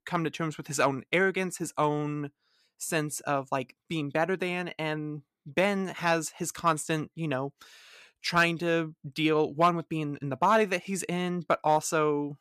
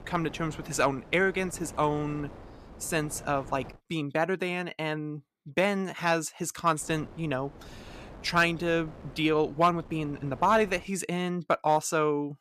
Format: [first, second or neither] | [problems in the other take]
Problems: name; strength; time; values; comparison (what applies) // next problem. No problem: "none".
first | wind noise on the microphone; occasional gusts; until 3.5 s and from 7 to 11 s; 20 dB below the speech